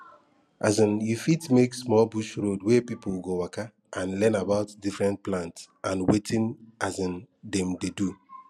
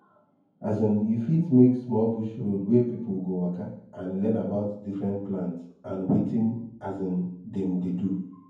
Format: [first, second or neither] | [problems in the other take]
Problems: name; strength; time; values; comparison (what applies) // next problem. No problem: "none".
first | room echo; dies away in 0.9 s